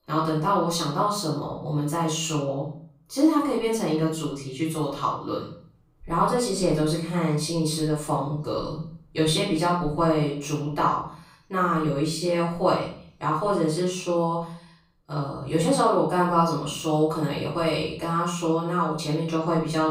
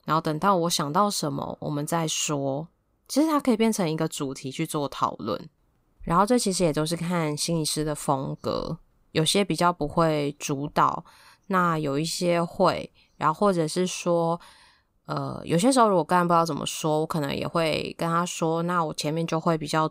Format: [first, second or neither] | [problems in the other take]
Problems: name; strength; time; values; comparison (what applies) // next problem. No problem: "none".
second | off-mic speech; far // room echo; noticeable; dies away in 0.5 s